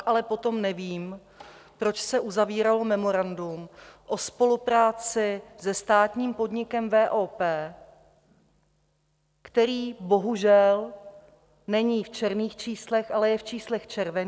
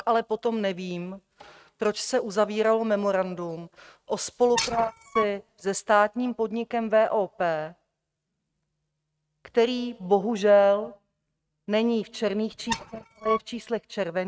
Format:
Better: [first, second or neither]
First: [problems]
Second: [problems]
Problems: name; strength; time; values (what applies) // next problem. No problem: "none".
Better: first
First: none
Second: noise reduction (neural mask model RNNoise)